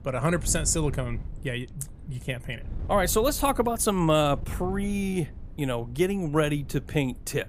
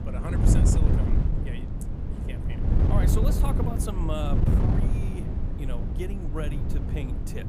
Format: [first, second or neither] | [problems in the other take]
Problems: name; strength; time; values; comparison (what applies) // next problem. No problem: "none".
first | wind noise on the microphone; heavy; 1 dB above the speech; occasional gusts in the first